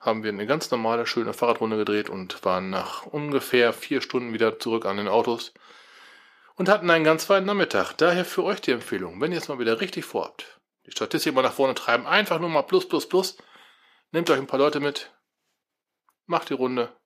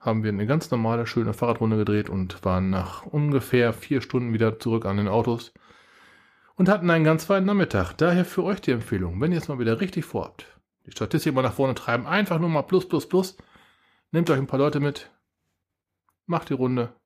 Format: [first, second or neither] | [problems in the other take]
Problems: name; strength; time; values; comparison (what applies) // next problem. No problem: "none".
second | thin; somewhat; fading below 350 Hz